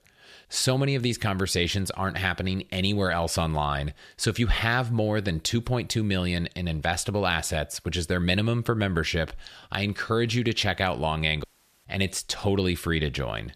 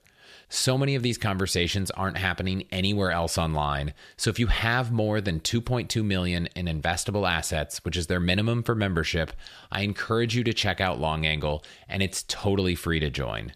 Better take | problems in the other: second | audio cutting out; at 11 s

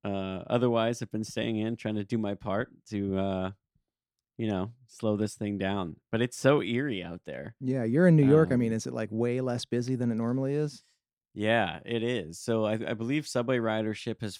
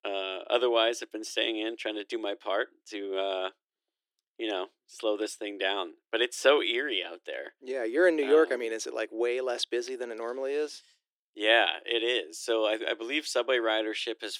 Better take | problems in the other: first | thin; very; fading below 350 Hz

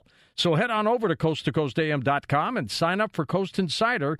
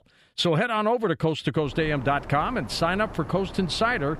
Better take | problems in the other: first | wind noise on the microphone; occasional gusts; from 1.5 s on; 15 dB below the speech

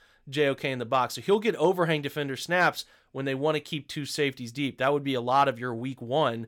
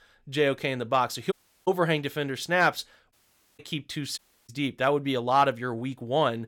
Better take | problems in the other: first | audio cutting out; at 1.5 s, at 3 s and at 4 s

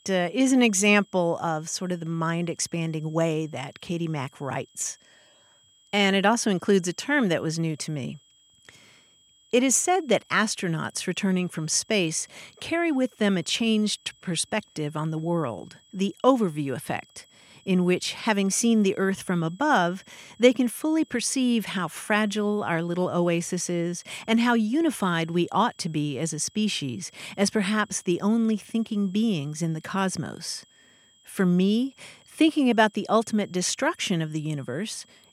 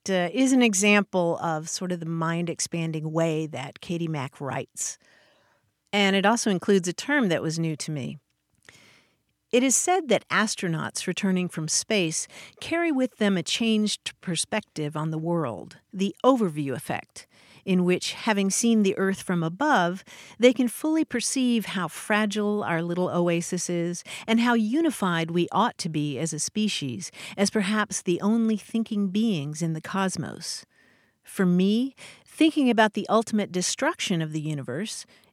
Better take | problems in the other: second | high-pitched whine; faint; throughout; 3.5 kHz, 30 dB below the speech

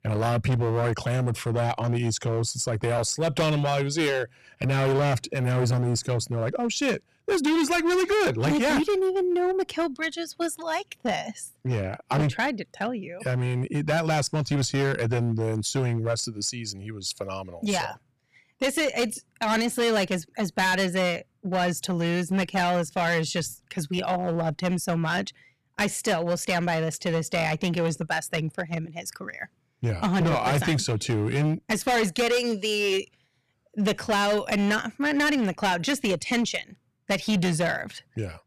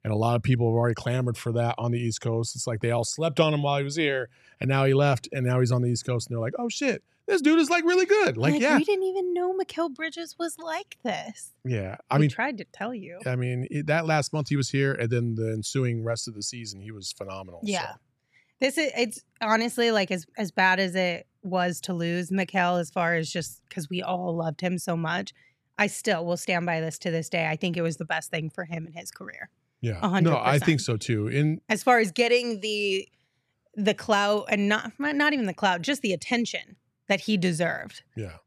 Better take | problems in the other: second | distortion; heavy; 13% of the sound clipped

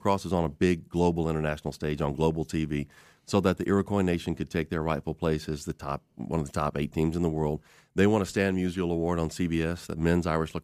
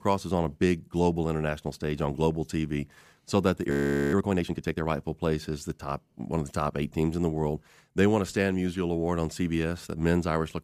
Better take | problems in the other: first | audio freezing; at 3.5 s

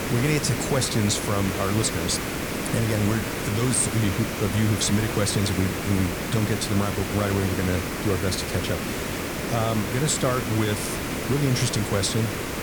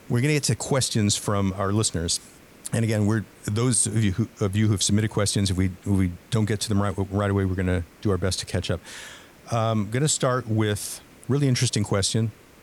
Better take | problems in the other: second | hiss; loud; throughout; 3 dB below the speech; faint in the second

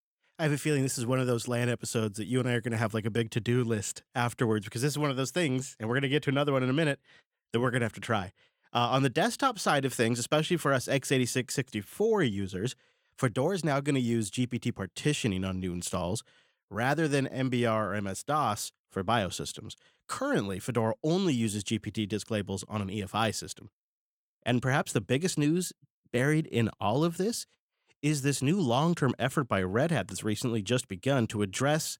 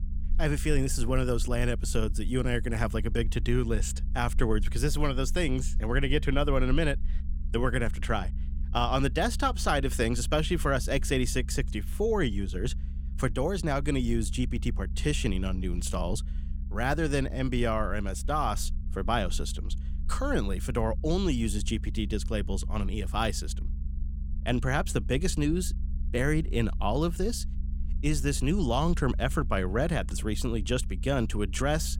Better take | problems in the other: first | low rumble; faint; throughout; 20 dB below the speech

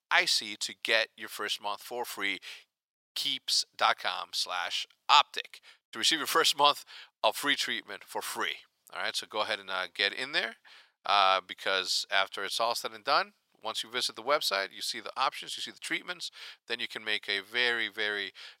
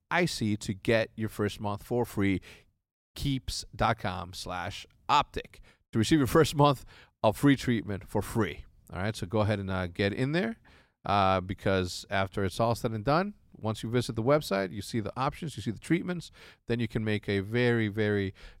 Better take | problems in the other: second | thin; very; fading below 900 Hz

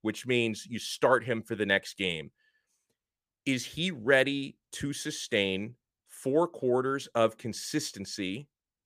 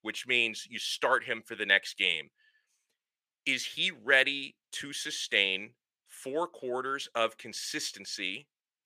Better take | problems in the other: first | thin; somewhat; fading below 700 Hz

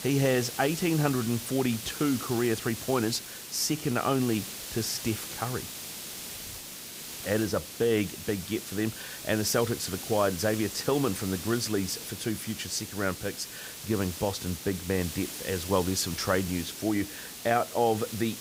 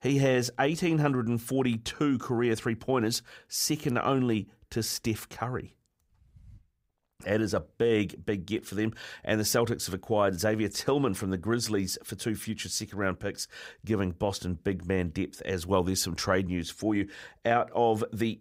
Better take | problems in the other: second | hiss; loud; throughout; 8 dB below the speech

